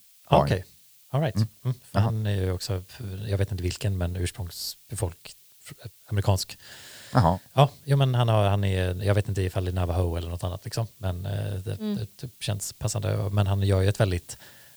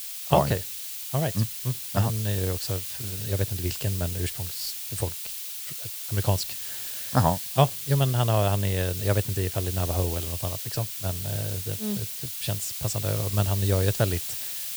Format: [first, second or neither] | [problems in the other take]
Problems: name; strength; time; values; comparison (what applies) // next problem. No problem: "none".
first | hiss; loud; throughout; 4 dB below the speech; faint in the first